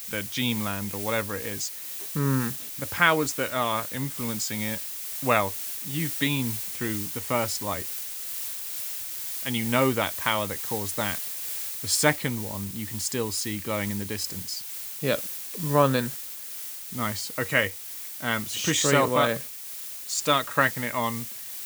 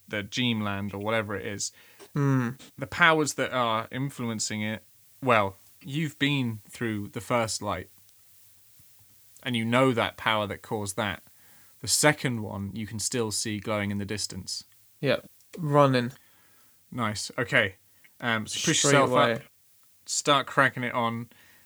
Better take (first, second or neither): second